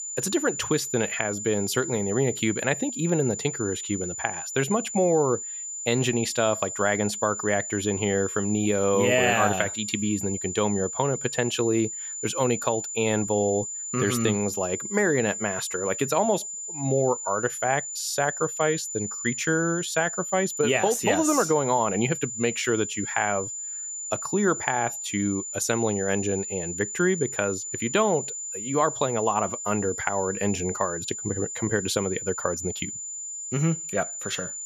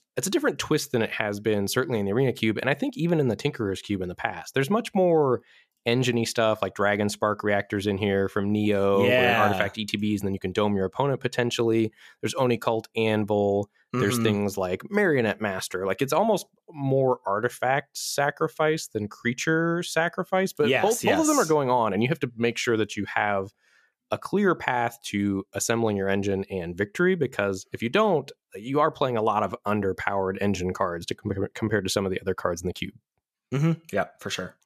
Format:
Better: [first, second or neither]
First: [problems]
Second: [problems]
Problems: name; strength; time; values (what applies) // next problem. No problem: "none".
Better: second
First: high-pitched whine; loud; throughout; 7 kHz, 5 dB below the speech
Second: none